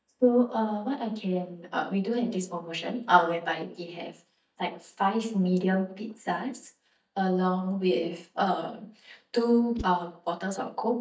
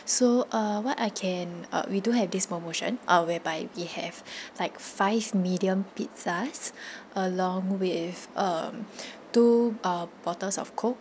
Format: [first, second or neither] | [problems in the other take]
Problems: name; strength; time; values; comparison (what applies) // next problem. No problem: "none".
second | noise reduction (neural mask model DeepFilterNet 3)